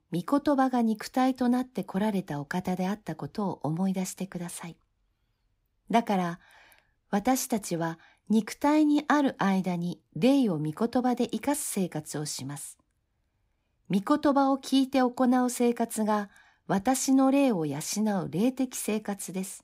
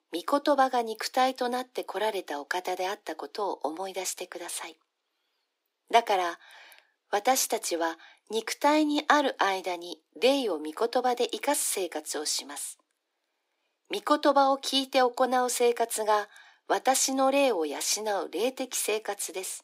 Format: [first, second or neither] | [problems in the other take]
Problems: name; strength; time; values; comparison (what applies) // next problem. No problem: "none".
first | thin; somewhat; fading below 350 Hz